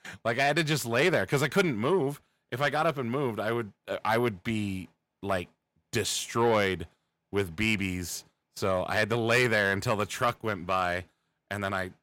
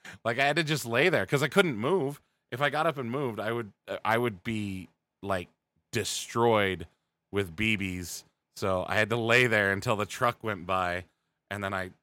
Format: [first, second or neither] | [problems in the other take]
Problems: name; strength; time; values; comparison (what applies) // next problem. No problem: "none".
second | distortion; slight; 10 dB below the speech